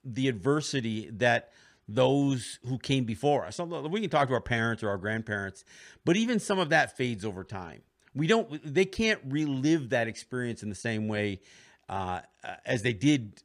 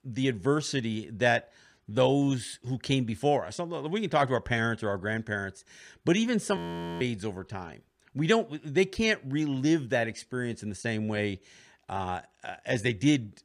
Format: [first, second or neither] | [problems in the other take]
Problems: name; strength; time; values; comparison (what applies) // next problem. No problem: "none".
first | audio freezing; at 6.5 s